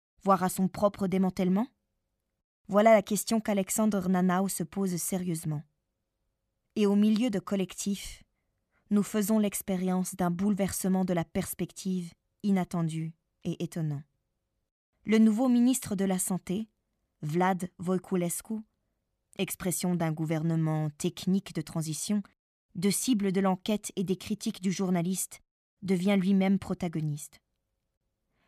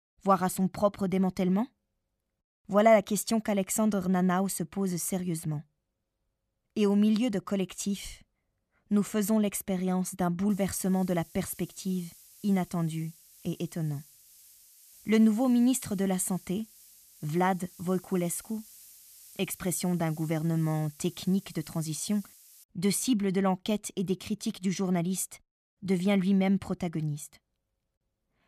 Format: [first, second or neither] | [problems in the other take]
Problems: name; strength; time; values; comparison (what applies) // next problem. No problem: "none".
first | hiss; faint; from 11 to 23 s; 20 dB below the speech